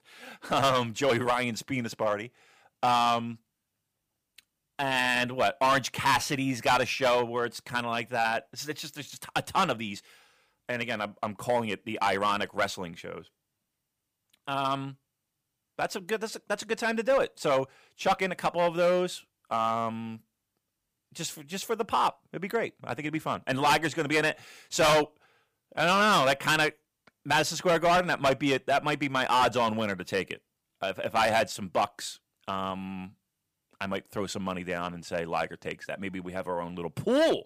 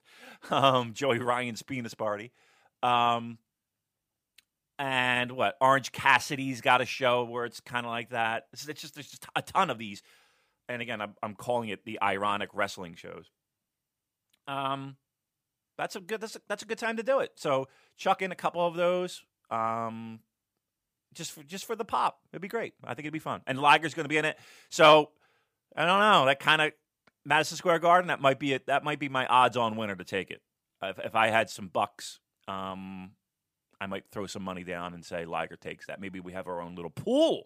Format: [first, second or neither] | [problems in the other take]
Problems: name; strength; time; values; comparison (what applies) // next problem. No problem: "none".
second | distortion; heavy; 4% of the sound clipped